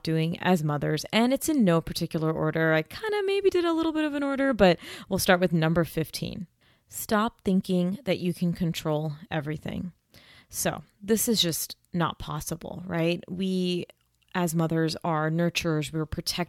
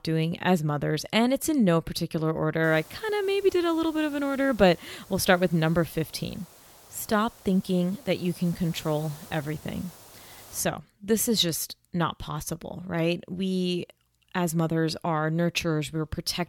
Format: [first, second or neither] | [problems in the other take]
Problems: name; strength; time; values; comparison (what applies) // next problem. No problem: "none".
first | hiss; faint; from 2.5 to 11 s; 20 dB below the speech